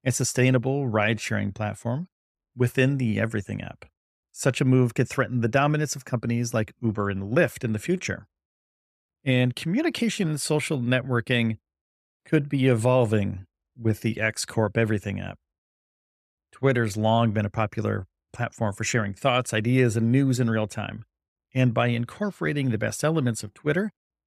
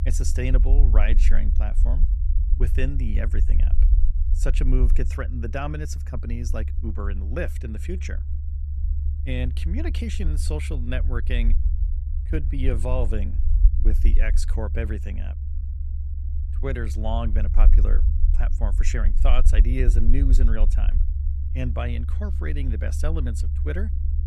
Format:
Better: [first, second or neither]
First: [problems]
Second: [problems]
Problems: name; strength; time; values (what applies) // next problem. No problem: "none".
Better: first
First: none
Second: low rumble; noticeable; throughout; 10 dB below the speech